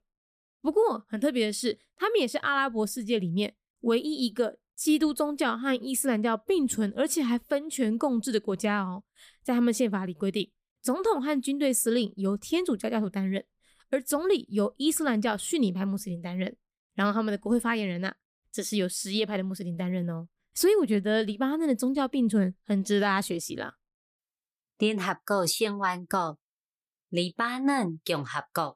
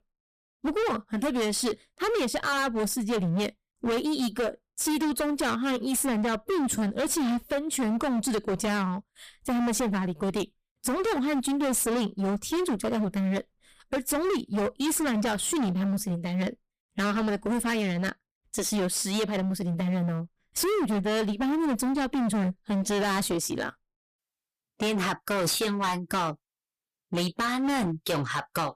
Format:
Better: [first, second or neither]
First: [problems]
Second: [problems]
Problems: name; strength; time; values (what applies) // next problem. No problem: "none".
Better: first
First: none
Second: distortion; heavy; 28% of the sound clipped